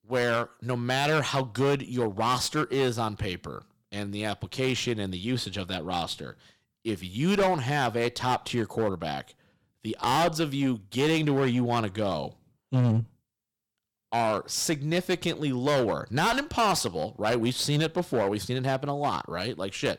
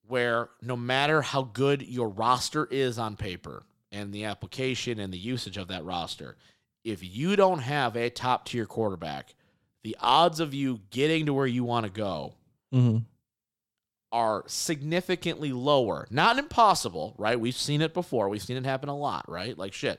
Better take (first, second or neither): second